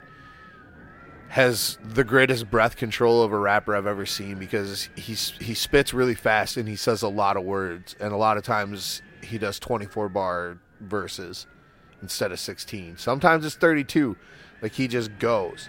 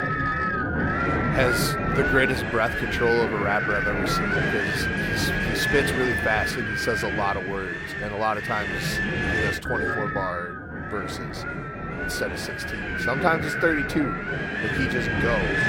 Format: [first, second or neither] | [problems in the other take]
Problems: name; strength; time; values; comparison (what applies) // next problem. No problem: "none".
first | wind noise on the microphone; heavy; 2 dB above the speech; occasional gusts in the first